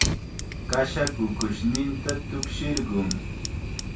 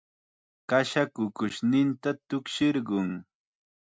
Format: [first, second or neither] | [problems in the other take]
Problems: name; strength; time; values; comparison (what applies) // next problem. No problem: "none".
second | background sound (Fire); 1 dB below the speech // room echo; dies away in 0.2 s